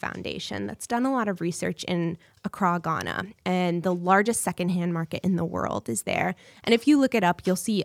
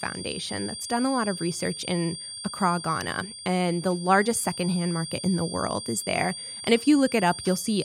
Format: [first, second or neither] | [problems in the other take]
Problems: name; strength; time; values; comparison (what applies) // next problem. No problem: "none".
first | high-pitched whine; loud; throughout; 4.5 kHz, 9 dB below the speech